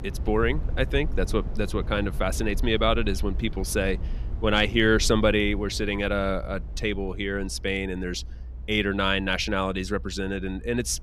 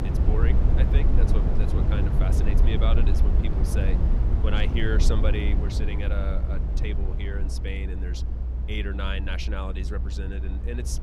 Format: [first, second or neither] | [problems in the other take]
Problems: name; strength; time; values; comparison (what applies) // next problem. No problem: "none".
first | low rumble; loud; throughout; 3 dB below the speech; faint in the first